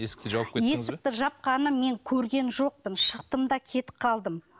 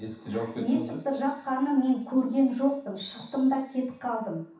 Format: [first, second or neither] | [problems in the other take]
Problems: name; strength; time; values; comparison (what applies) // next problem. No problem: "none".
first | room echo; dies away in 0.7 s